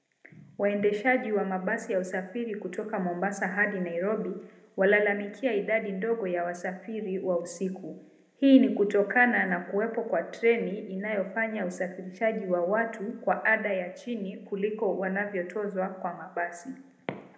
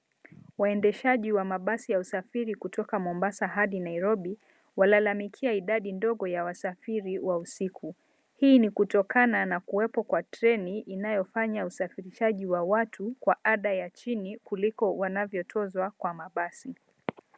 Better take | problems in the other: second | room echo; dies away in 0.7 s

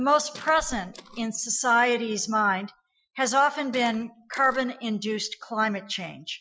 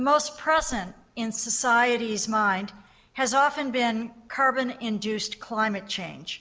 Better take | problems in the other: second | noise reduction (classical method Wiener filter)

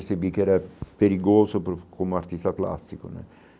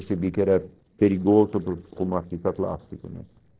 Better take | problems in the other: first | noise reduction (neural separator model SepFormer DNS4)

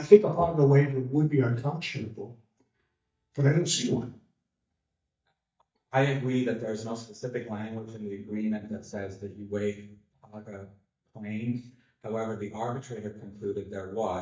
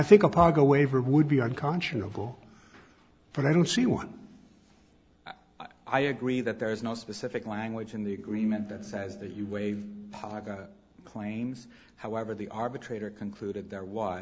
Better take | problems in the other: second | noise reduction (neural mask model DeepFilterNet 3)

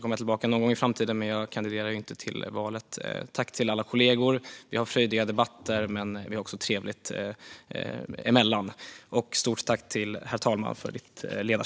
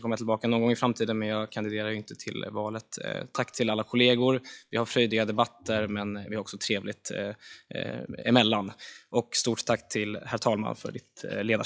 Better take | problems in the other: first | noise reduction (classical method log-MMSE)

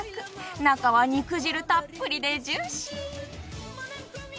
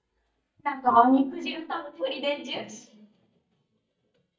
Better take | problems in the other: first | noise reduction (neural mask model DeepFilterNet 3)

